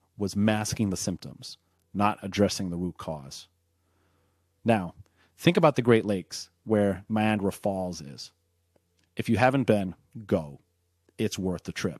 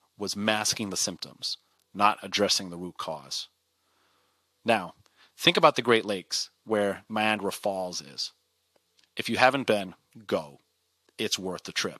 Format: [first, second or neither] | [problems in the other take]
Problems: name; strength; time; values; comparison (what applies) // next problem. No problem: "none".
first | thin; somewhat; fading below 700 Hz